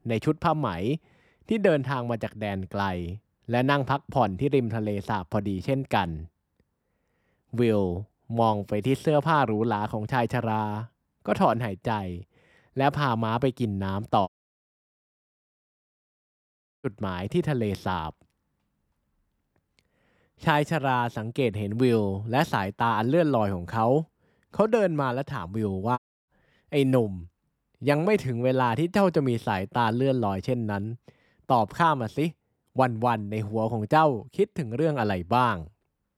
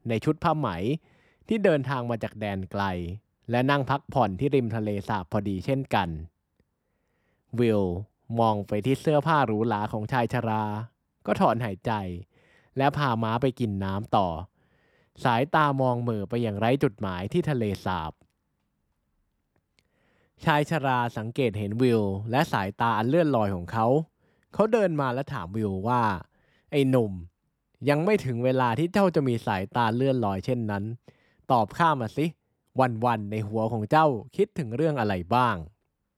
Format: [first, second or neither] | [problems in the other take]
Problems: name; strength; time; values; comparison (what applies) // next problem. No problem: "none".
second | audio cutting out; at 14 s for 2.5 s and at 26 s